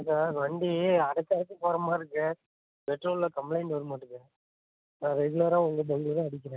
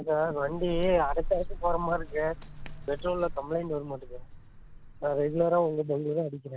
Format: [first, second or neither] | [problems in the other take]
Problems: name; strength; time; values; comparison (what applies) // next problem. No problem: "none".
first | background sound (Bird); 8 dB below the speech